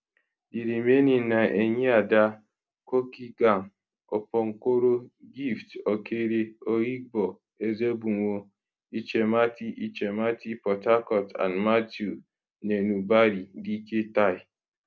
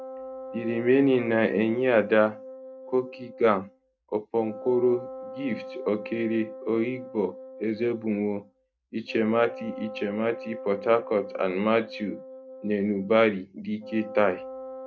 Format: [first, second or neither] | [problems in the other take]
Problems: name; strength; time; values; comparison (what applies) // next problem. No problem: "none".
first | background sound (Wind instrument, woodwind instrument); 14 dB below the speech